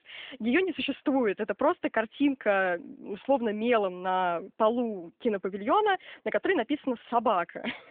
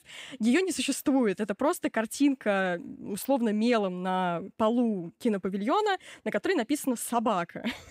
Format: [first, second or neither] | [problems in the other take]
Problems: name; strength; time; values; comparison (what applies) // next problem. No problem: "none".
second | phone-call audio